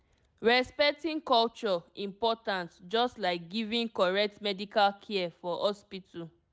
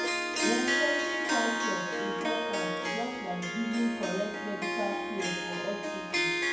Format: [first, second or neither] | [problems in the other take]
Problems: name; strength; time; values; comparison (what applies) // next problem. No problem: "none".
first | background sound (Harp); 4 dB above the speech // room echo; dies away in 0.9 s